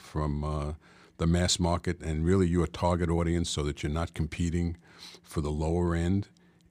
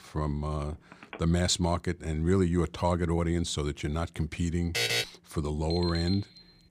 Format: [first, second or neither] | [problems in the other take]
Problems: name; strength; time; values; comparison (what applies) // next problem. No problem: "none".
first | phone ringing; faint; at 0.5 s; peak 15 dB below the speech // alarm; loud; at 4.5 s; peak 3 dB above the speech // alarm; noticeable; at 5.5 s; peak 6 dB below the speech